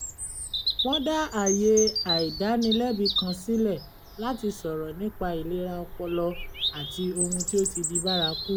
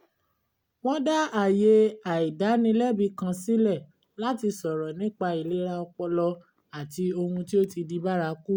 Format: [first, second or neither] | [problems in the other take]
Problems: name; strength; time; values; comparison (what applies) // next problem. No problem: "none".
second | background sound (Bird vocalization, bird call, bird song); 4 dB below the speech